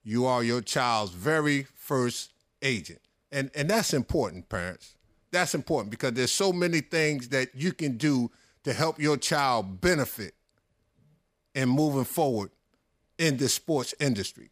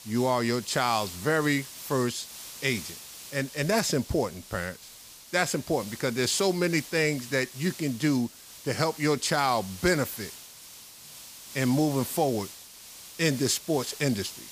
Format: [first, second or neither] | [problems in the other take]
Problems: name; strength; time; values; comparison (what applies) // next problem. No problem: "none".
first | hiss; noticeable; throughout; 15 dB below the speech